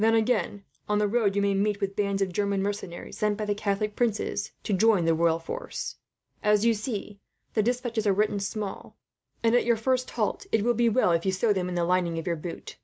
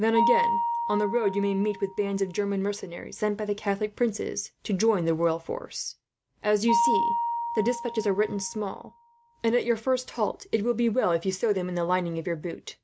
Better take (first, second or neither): first